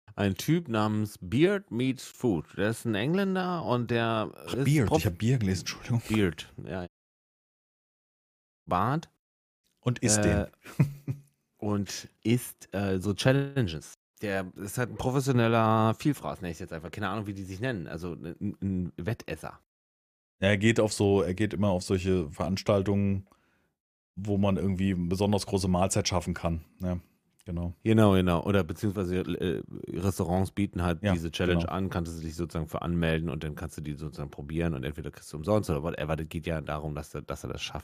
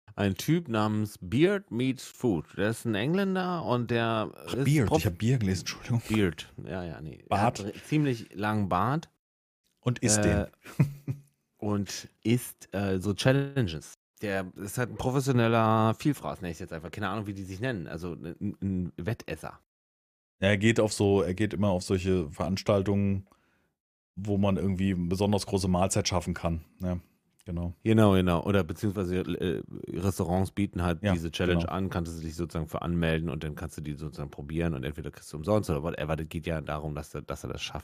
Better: second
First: audio cutting out; at 7 s for 2 s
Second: none

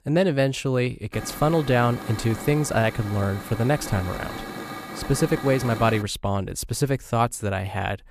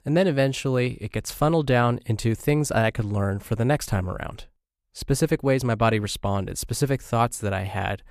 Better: second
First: hiss; noticeable; from 1 to 6 s; 10 dB below the speech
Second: none

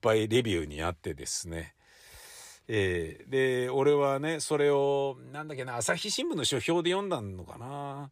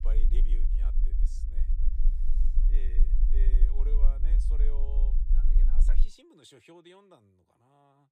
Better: first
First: none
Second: low rumble; loud; until 6 s; 2 dB below the speech

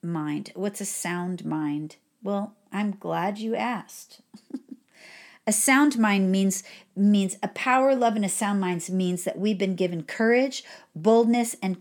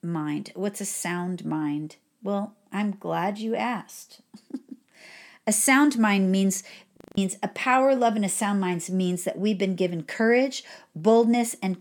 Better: first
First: none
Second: audio freezing; at 7 s

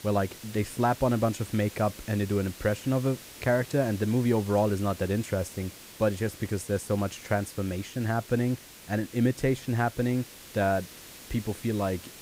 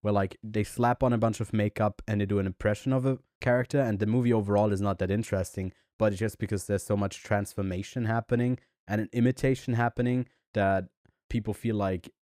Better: second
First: hiss; noticeable; throughout; 15 dB below the speech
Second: none

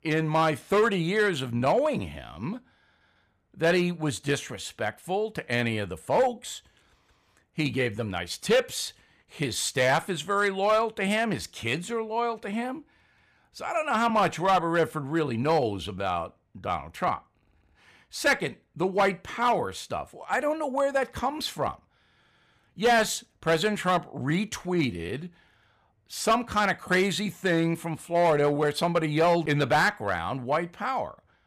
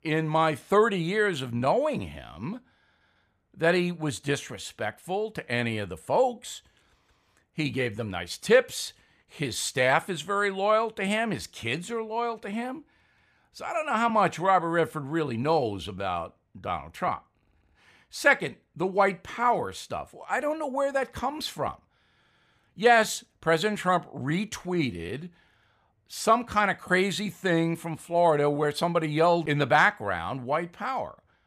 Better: second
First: distortion; slight; 3% of the sound clipped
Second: none

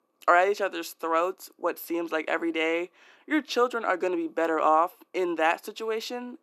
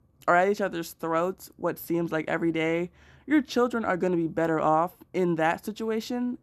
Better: second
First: thin; somewhat; fading below 350 Hz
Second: none

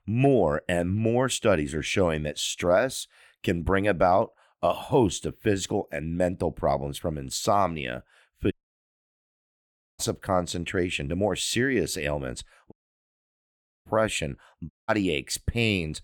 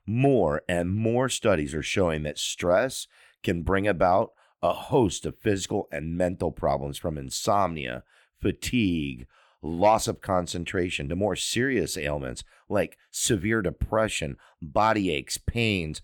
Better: second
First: audio cutting out; at 8.5 s for 1.5 s, at 13 s for 1 s and at 15 s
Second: none

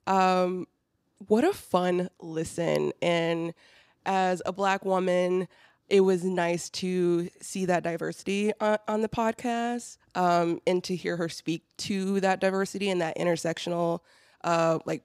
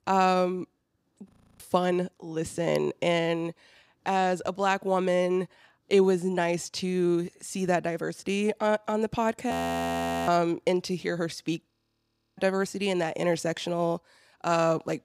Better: first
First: none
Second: audio freezing; at 1.5 s, at 9.5 s for 1 s and at 12 s for 0.5 s

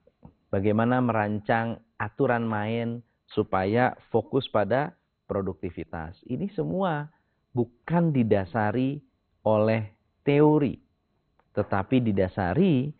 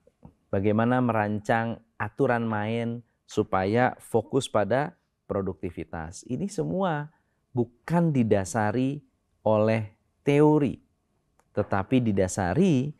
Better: second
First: garbled, watery; badly; nothing above 4 kHz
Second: none

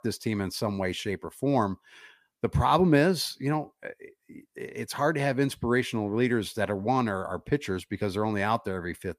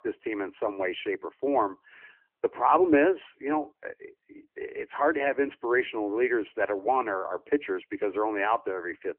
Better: first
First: none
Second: phone-call audio; nothing above 3 kHz

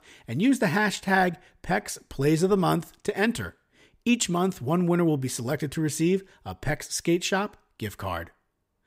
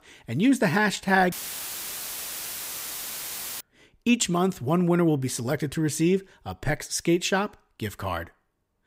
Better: first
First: none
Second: audio cutting out; filled with static; at 1.5 s for 2.5 s

